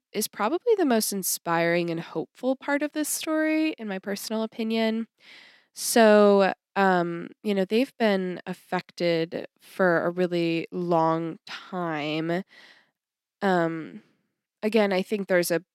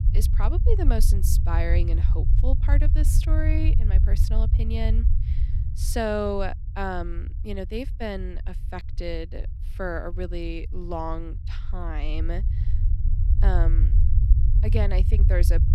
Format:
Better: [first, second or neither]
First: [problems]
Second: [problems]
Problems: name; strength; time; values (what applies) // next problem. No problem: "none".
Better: first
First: none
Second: low rumble; loud; throughout; 10 dB below the speech